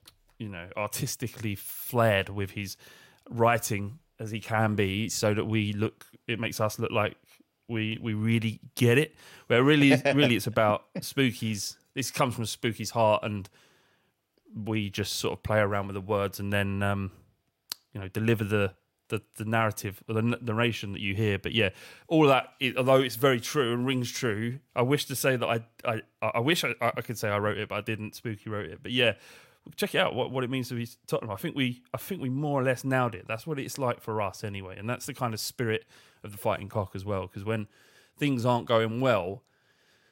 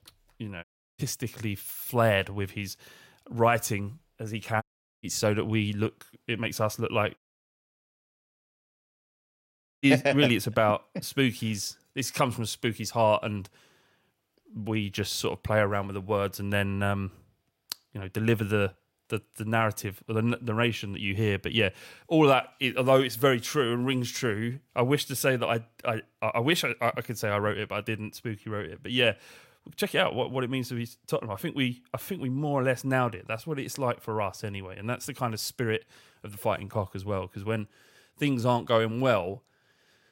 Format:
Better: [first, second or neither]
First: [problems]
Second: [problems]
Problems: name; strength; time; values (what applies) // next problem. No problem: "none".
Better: first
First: none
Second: audio cutting out; at 0.5 s, at 4.5 s and at 7 s for 2.5 s